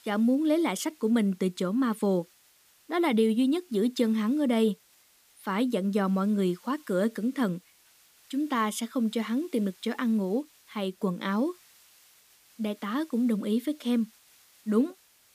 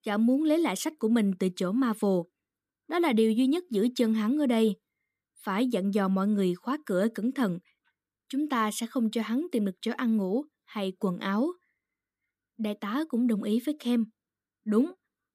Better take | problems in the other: second | hiss; faint; throughout; 30 dB below the speech

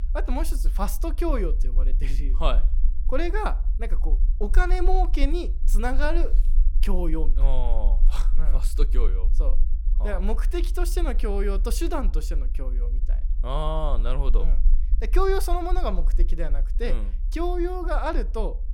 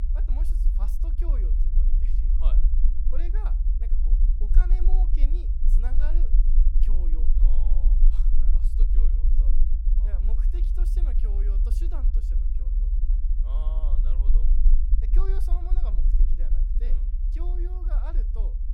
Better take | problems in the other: first | low rumble; loud; throughout; 2 dB below the speech; faint in the first

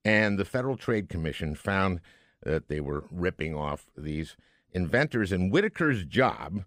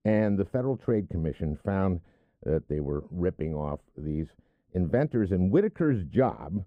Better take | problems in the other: first | muffled; very; fading above 1.5 kHz

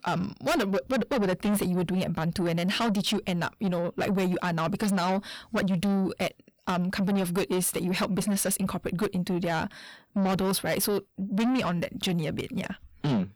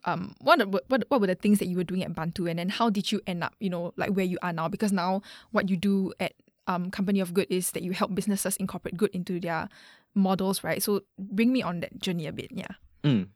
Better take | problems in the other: second | distortion; heavy; 6 dB below the speech

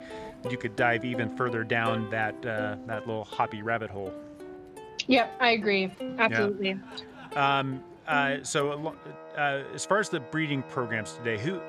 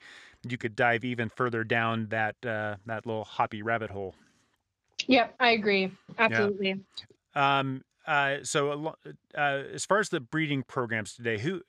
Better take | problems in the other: second | background music; noticeable; throughout; 15 dB below the speech

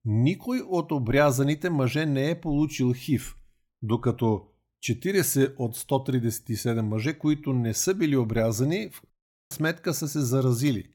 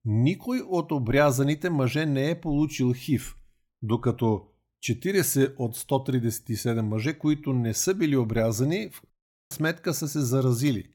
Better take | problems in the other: neither | audio cutting out; at 9 s; the same in both

